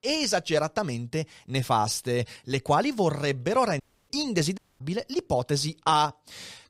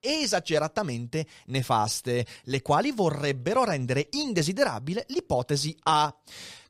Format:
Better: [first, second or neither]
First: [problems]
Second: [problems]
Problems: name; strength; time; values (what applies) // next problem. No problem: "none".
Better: second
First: audio cutting out; at 4 s and at 4.5 s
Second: none